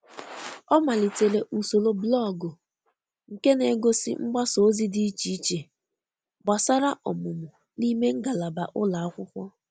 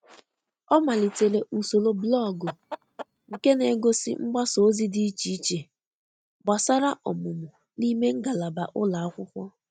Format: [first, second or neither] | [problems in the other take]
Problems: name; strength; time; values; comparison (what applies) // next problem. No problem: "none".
first | noise reduction (neural mask model RNNoise)